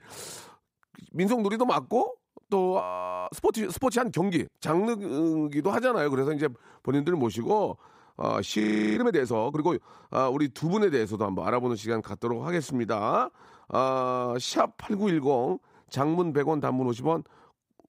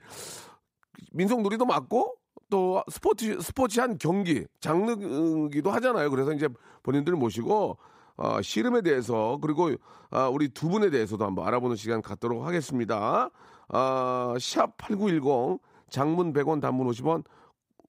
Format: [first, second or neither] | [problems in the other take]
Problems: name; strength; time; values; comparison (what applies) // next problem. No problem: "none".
second | audio freezing; at 3 s and at 8.5 s